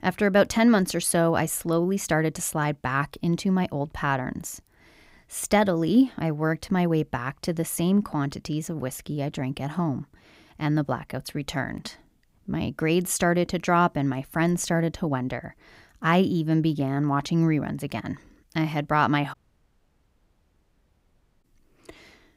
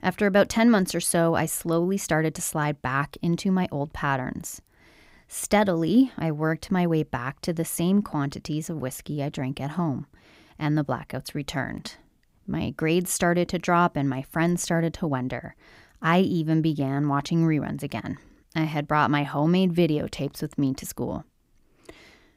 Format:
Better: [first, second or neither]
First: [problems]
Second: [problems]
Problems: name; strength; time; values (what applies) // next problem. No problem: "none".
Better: second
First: audio cutting out; at 19 s for 2 s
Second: none